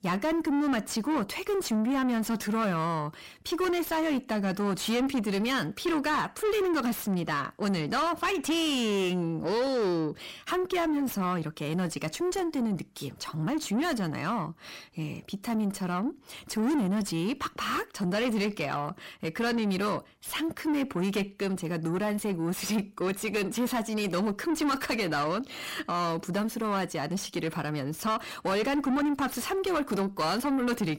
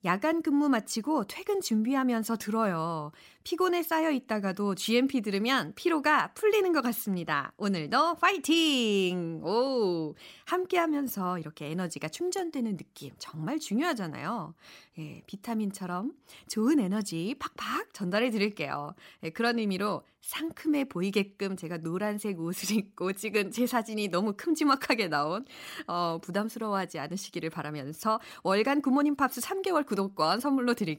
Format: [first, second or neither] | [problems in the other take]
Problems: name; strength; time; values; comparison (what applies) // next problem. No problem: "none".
second | distortion; heavy; 7 dB below the speech